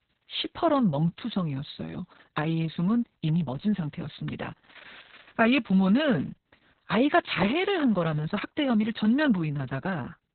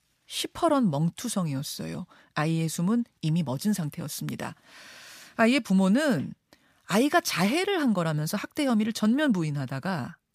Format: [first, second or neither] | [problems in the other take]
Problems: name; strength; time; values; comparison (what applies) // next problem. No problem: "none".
second | garbled, watery; badly; nothing above 4 kHz